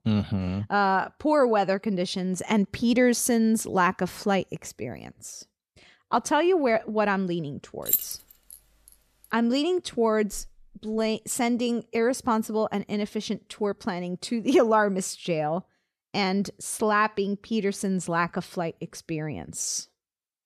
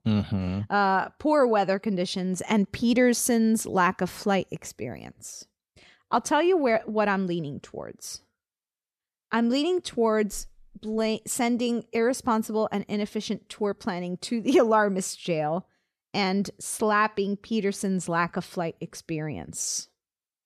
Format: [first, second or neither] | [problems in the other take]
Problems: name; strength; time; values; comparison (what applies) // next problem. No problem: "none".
second | jangling keys; loud; at 8 s; peak 1 dB above the speech